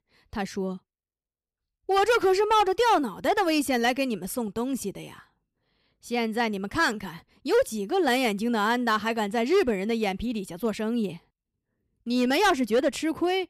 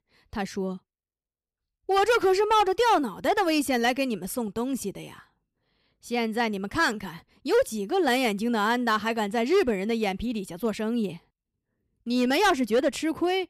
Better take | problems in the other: neither | distortion; slight; 4% of the sound clipped; the same in both

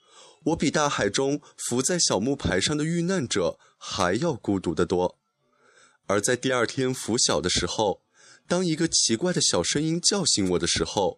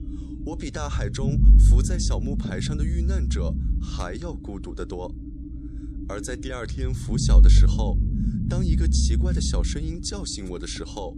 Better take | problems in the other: first | low rumble; loud; throughout; 5 dB below the speech

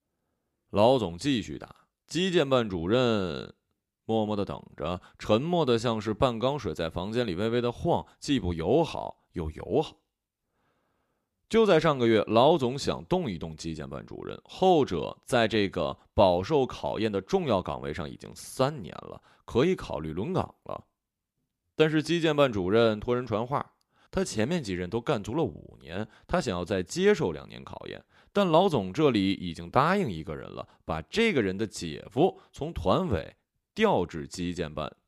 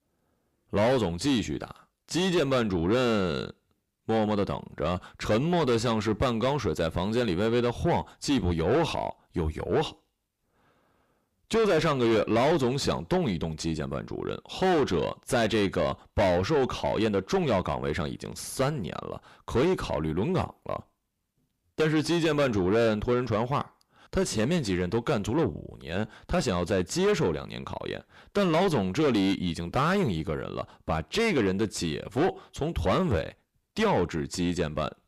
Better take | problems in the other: first | distortion; heavy; 6 dB below the speech

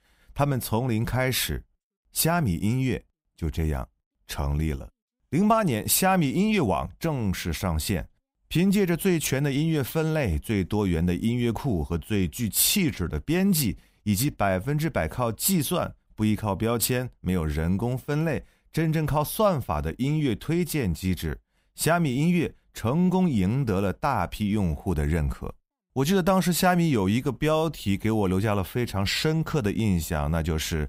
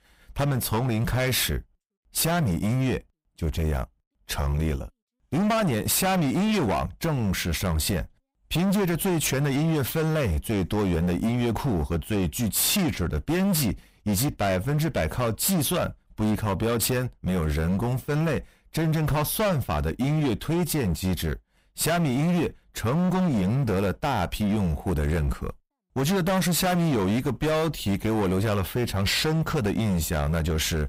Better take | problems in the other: first | distortion; heavy; 24% of the sound clipped

